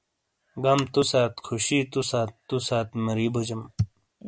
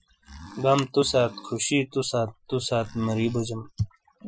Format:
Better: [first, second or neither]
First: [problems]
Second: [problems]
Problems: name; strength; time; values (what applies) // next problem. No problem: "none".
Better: first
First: none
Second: noise reduction (classical method Wiener filter)